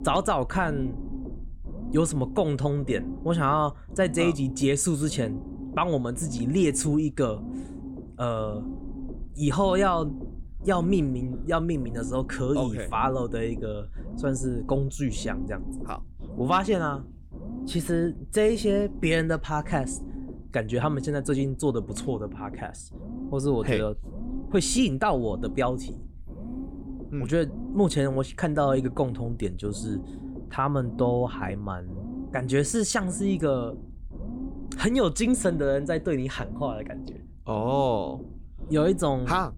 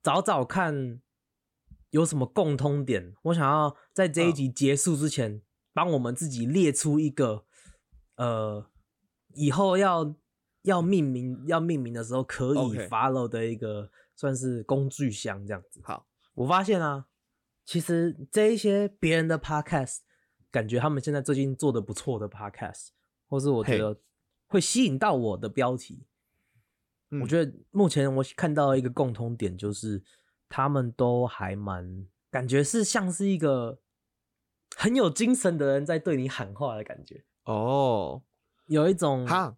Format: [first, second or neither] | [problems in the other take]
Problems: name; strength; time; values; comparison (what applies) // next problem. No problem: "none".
second | low rumble; noticeable; throughout; 15 dB below the speech